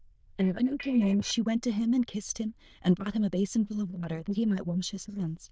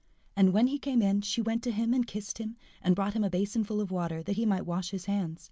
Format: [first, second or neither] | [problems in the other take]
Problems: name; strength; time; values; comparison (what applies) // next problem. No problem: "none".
second | noise reduction (neural diffusion model UNIVERSE++)